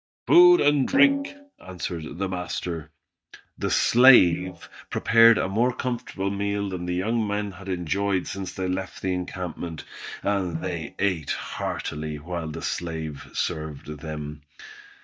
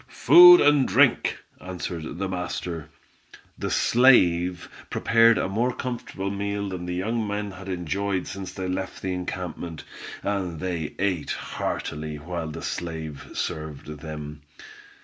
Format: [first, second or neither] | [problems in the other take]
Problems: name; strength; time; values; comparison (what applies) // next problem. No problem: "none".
second | noise reduction (neural mask model DeepFilterNet 3)